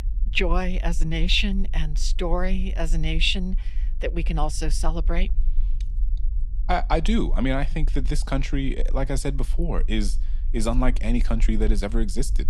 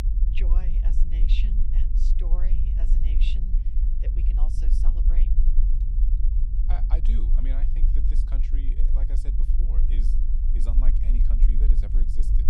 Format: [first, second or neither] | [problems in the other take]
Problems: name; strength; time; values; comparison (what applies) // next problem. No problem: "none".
first | low rumble; loud; throughout; 2 dB below the speech; faint in the first